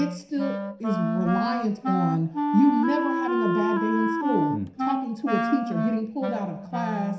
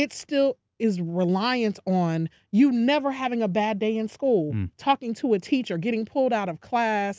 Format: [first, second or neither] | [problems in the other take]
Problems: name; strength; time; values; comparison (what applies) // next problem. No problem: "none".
second | background sound (Wind instrument, woodwind instrument); 1 dB below the speech // room echo; dies away in 0.7 s